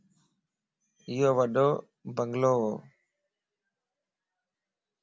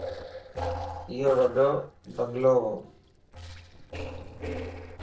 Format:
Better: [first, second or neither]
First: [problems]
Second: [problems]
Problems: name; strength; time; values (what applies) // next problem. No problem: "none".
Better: first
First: none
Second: noise reduction (neural separator model SepFormer DNS4)